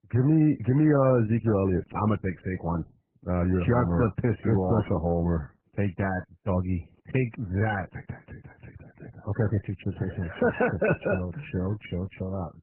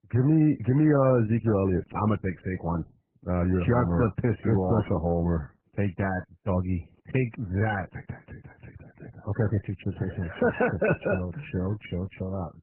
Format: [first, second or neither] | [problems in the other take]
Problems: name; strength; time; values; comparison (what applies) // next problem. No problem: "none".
neither | garbled, watery; badly; nothing above 2.5 kHz; the same in both